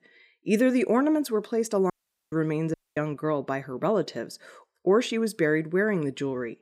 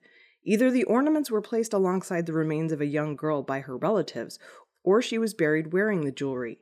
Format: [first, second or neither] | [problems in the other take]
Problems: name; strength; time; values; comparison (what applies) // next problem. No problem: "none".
second | audio cutting out; at 2 s and at 2.5 s